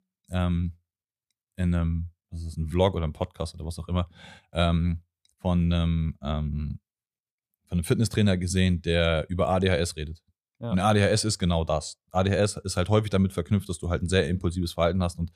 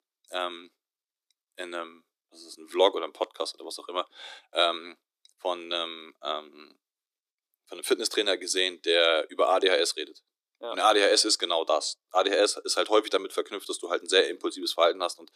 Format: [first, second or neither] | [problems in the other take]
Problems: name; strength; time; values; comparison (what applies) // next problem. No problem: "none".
first | thin; very; fading below 300 Hz